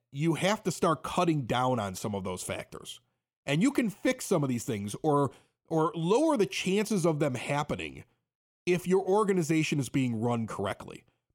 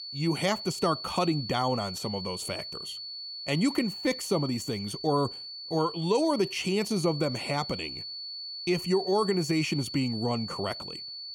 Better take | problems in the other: first | high-pitched whine; loud; throughout; 4.5 kHz, 7 dB below the speech

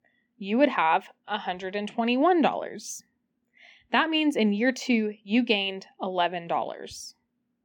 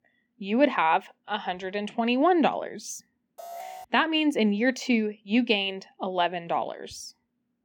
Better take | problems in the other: first | alarm; faint; at 3.5 s; peak 15 dB below the speech

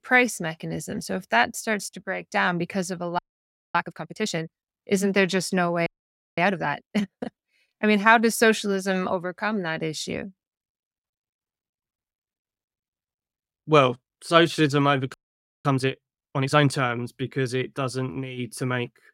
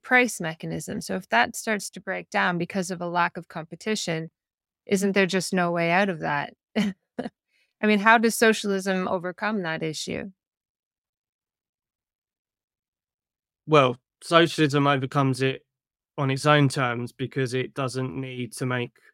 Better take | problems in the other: second | audio freezing; at 3 s for 0.5 s, at 6 s for 0.5 s and at 15 s for 0.5 s

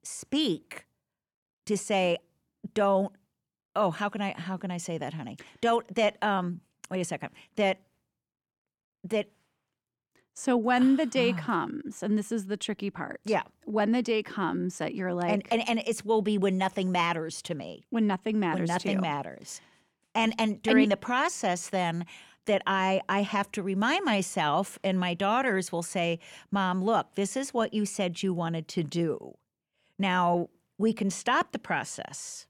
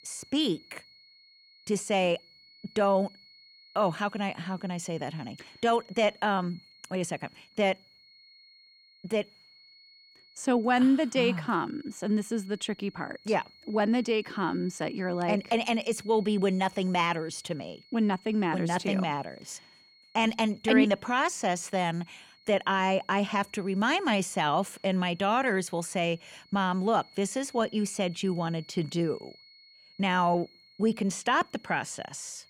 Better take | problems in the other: first | high-pitched whine; faint; throughout; 4.5 kHz, 25 dB below the speech

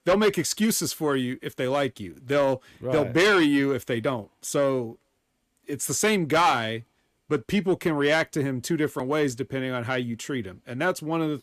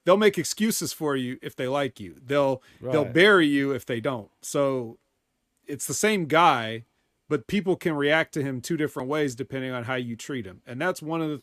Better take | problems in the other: second | distortion; slight; 10 dB below the speech

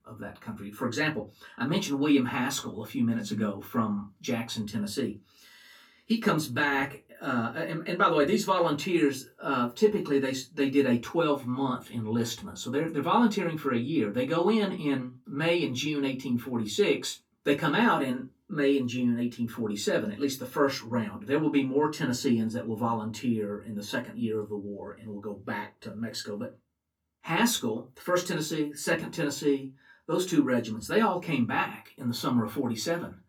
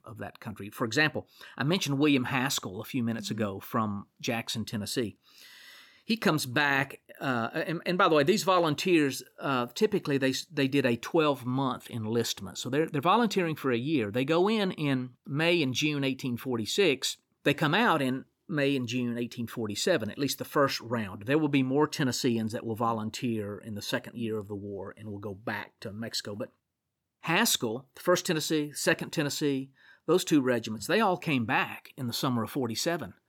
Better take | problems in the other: second | off-mic speech; far // room echo; very slight; dies away in 0.2 s

